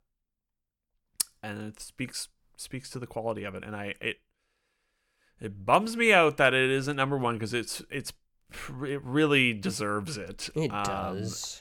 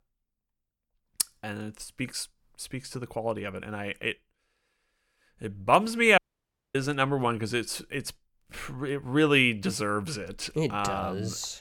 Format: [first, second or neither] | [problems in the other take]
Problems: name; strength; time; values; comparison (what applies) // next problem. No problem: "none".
first | audio cutting out; at 6 s for 0.5 s